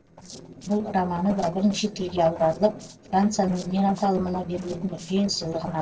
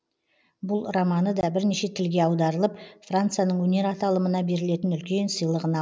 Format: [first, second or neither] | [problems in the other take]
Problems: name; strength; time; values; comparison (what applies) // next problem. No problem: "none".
second | noise reduction (neural separator model SepFormer DNS4)